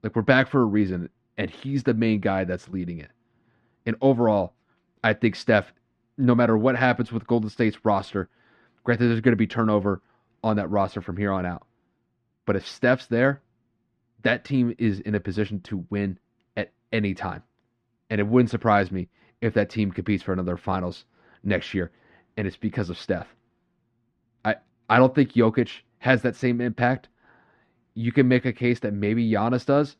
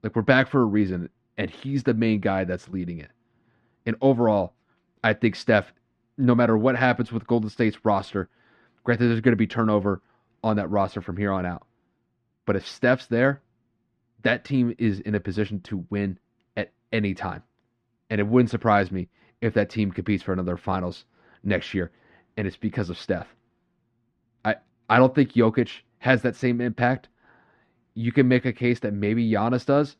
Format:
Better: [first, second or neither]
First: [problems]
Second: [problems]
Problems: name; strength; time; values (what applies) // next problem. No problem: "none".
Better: neither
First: muffled; very; fading above 2 kHz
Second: muffled; very; fading above 2 kHz